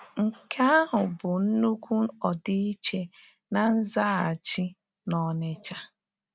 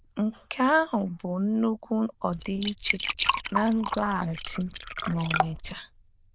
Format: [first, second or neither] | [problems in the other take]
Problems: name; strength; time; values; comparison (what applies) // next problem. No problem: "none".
first | noise reduction (neural diffusion model UNIVERSE++)